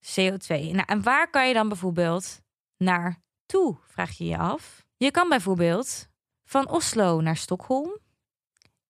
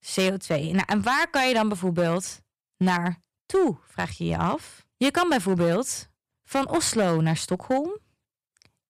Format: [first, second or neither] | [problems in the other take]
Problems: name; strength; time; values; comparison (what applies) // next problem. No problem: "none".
first | distortion; slight; 6% of the sound clipped